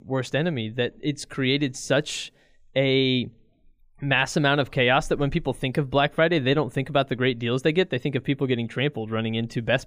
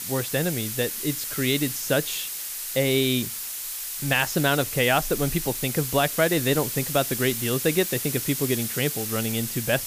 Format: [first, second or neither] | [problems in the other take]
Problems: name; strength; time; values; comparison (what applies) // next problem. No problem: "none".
first | hiss; loud; throughout; 4 dB below the speech